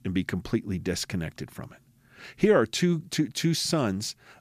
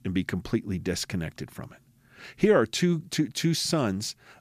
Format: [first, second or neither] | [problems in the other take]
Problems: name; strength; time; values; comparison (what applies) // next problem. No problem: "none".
neither | none